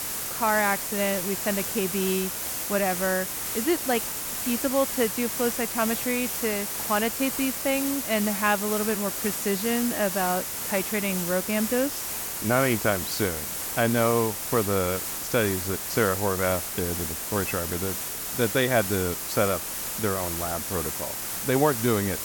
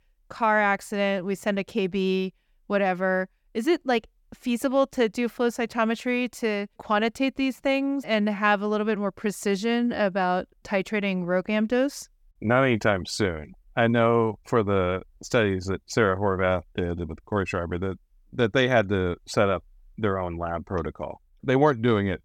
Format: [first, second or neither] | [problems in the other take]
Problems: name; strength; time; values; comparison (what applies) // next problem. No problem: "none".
second | hiss; loud; throughout; 2 dB below the speech